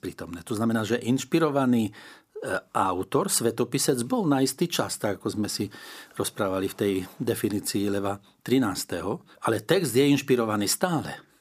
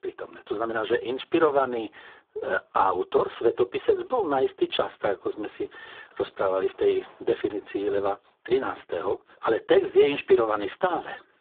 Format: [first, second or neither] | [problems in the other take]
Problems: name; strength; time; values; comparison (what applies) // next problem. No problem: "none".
first | phone-call audio; poor line